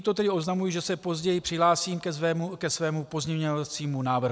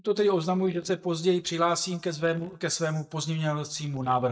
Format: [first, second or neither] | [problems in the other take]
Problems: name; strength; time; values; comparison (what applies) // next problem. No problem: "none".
first | noise reduction (neural mask model DeepFilterNet 3)